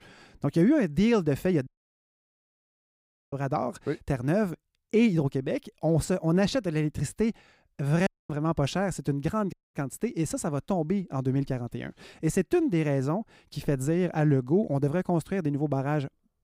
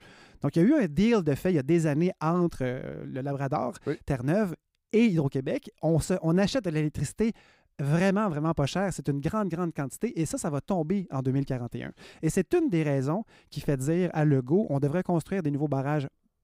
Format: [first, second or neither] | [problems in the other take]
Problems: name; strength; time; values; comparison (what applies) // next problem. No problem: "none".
second | audio cutting out; at 1.5 s for 1.5 s, at 8 s and at 9.5 s